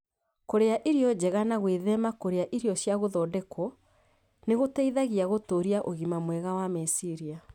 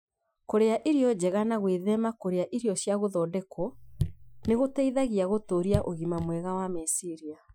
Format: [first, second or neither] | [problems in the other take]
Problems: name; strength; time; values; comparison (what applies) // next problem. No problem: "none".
first | noise reduction (classical method Wiener filter)